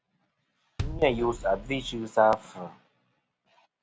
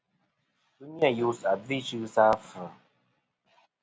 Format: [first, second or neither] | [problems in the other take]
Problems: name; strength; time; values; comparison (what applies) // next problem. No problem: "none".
second | background sound (Bass drum); 9 dB below the speech